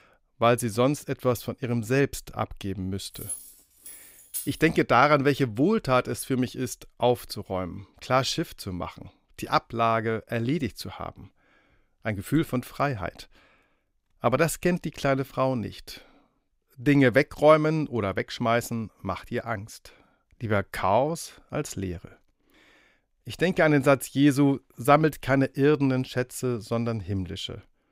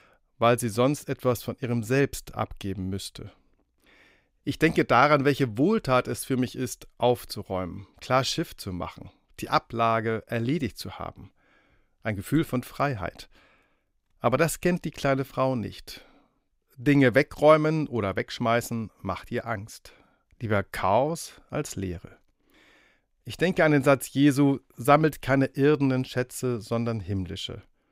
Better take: second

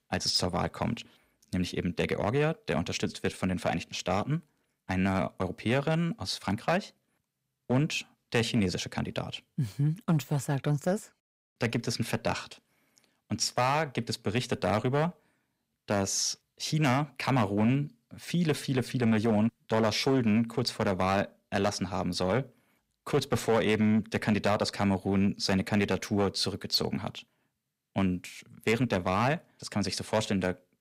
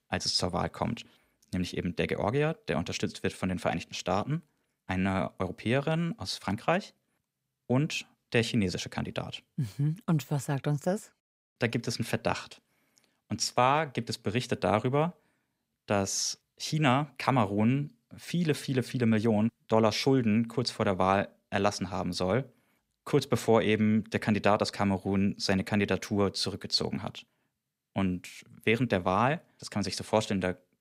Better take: second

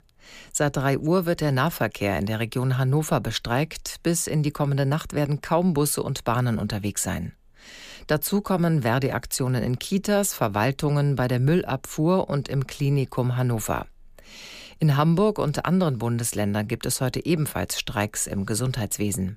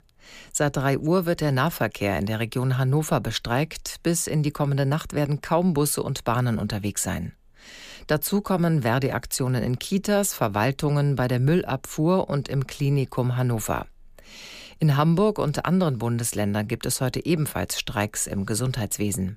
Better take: neither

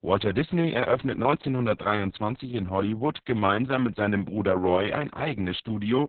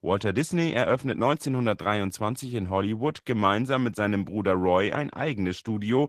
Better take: second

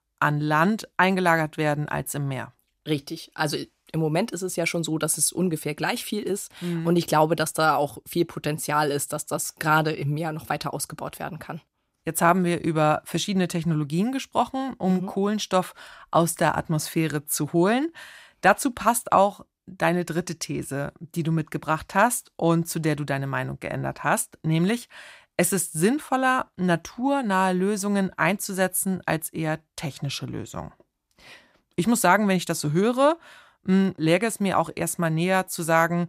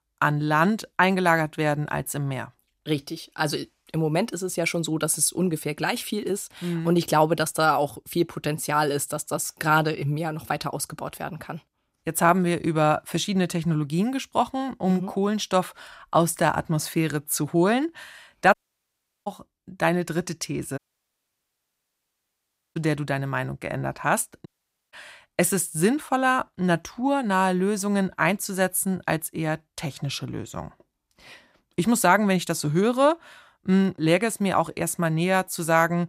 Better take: first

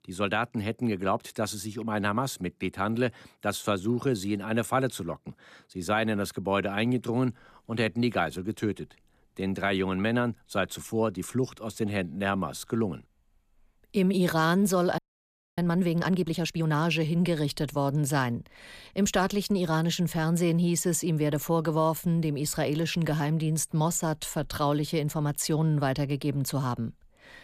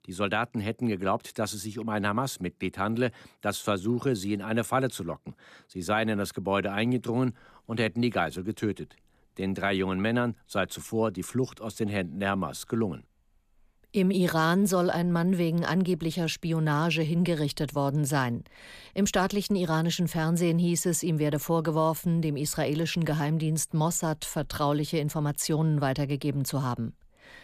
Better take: second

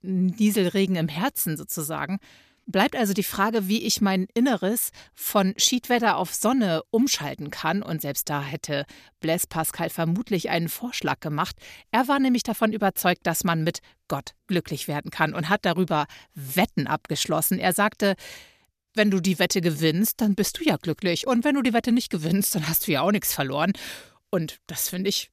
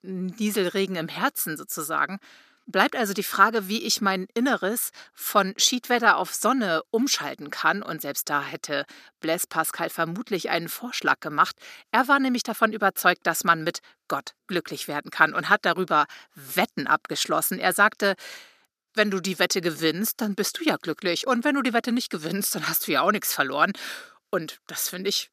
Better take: first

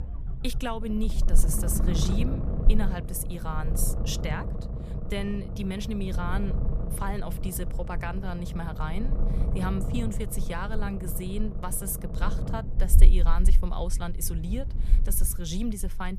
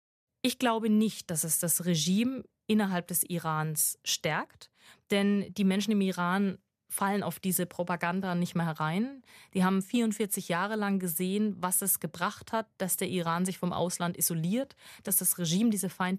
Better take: second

